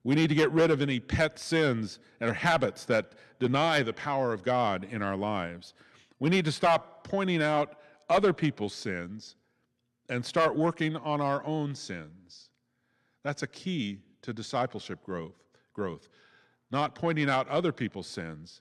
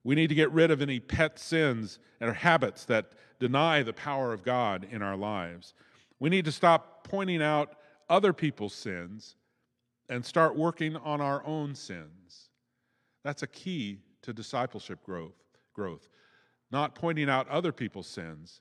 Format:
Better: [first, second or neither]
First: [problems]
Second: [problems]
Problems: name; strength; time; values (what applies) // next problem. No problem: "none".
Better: second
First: distortion; slight; 10 dB below the speech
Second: none